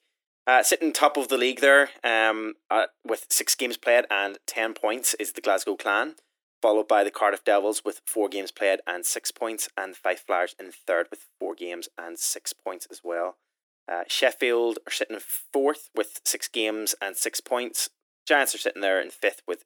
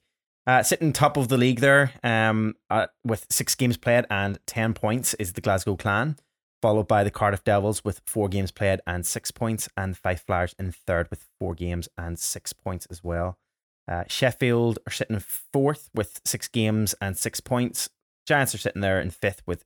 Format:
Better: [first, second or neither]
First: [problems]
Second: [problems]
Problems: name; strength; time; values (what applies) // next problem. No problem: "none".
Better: second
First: thin; very; fading below 300 Hz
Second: none